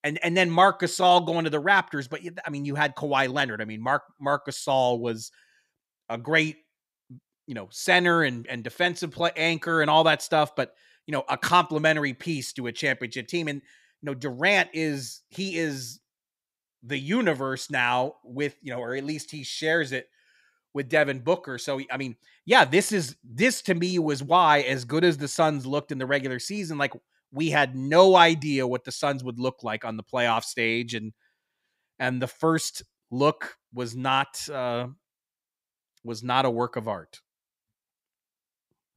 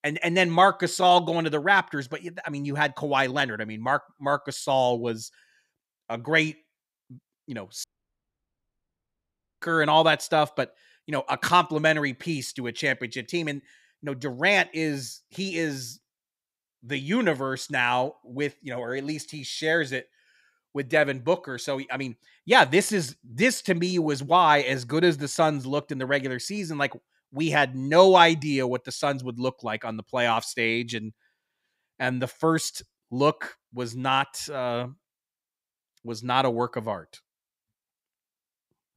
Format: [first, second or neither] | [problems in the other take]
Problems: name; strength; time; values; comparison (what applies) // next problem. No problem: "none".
first | audio cutting out; at 8 s for 2 s